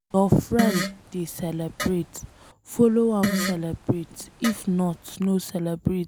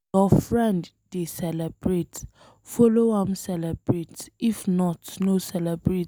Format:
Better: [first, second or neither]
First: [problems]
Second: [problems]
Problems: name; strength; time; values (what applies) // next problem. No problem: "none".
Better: second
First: background sound (Fart); 6 dB below the speech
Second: none